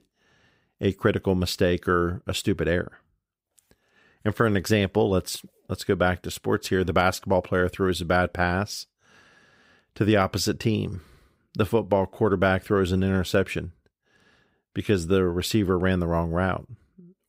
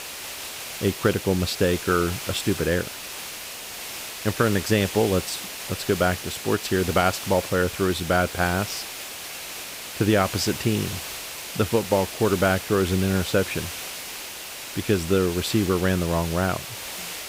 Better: first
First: none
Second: hiss; loud; throughout; 8 dB below the speech

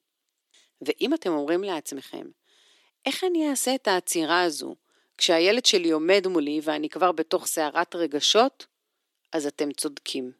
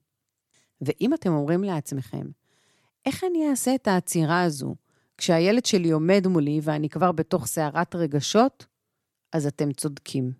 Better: second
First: thin; somewhat; fading below 300 Hz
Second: none

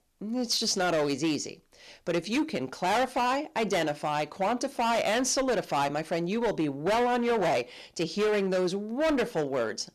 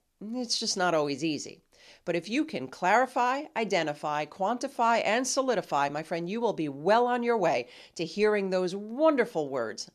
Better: second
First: distortion; heavy; 15% of the sound clipped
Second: none

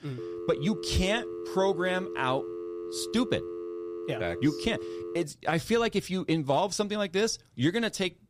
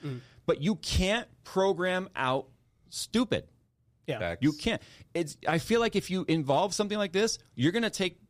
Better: second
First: phone ringing; noticeable; until 5 s; peak 8 dB below the speech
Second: none

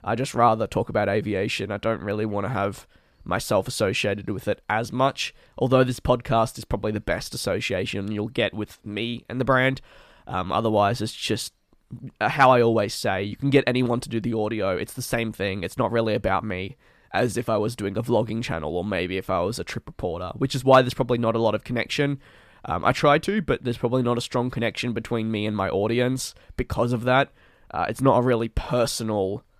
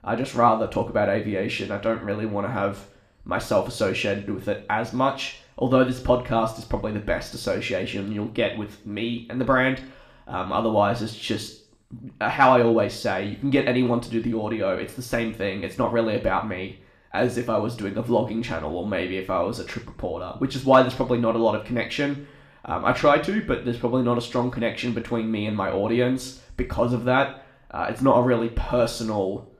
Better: first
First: none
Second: room echo; slight; dies away in 0.4 s // off-mic speech; somewhat distant

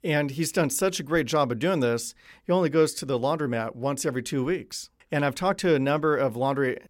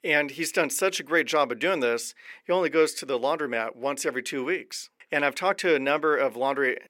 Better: first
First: none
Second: thin; somewhat; fading below 400 Hz

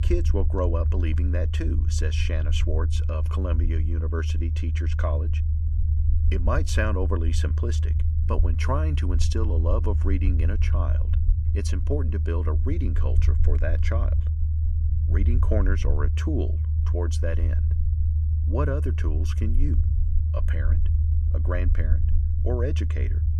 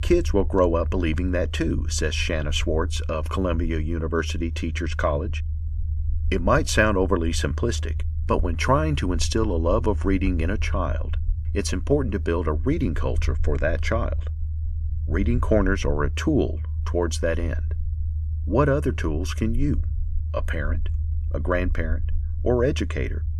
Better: second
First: low rumble; loud; throughout; 8 dB below the speech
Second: low rumble; faint; throughout; 20 dB below the speech

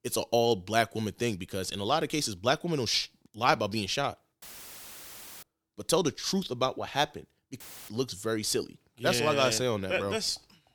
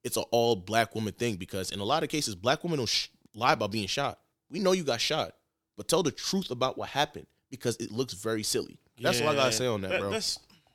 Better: second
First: audio cutting out; filled with static; at 4.5 s for 1 s and at 7.5 s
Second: none

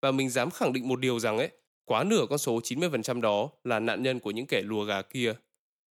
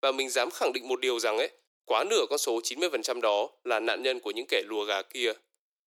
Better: first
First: none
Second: thin; very; fading below 350 Hz

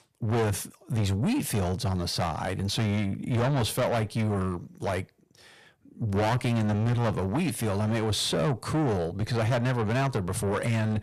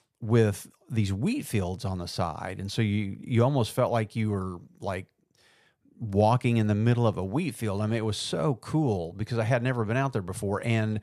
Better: second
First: distortion; heavy; 5 dB below the speech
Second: none

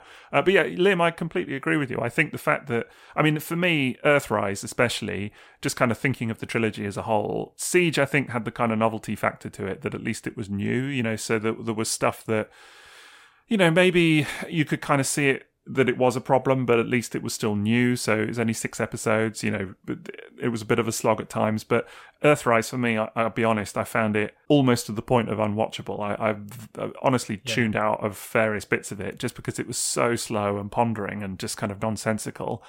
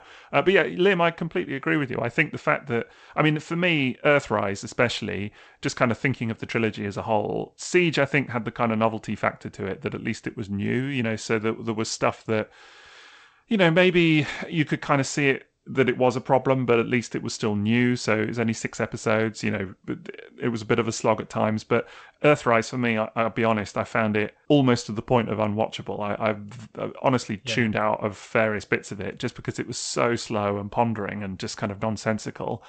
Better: first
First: none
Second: garbled, watery; slightly; nothing above 8 kHz

